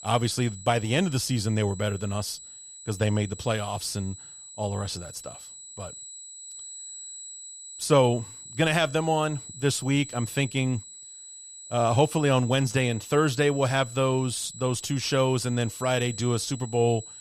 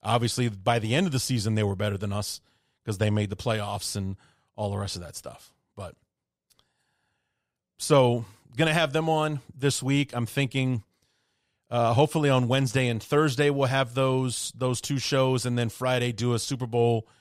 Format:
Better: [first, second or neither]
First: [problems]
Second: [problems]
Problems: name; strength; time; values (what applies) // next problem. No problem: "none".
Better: second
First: high-pitched whine; noticeable; throughout; 8 kHz, 15 dB below the speech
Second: none